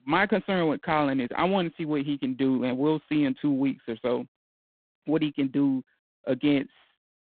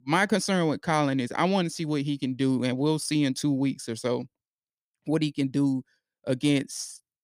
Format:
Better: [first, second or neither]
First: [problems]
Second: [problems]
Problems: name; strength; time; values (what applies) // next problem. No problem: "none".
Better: second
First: phone-call audio; poor line; nothing above 4 kHz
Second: none